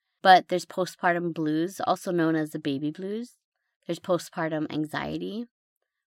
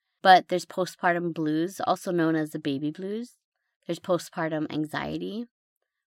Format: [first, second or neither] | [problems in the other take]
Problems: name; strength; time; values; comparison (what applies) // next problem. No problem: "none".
neither | none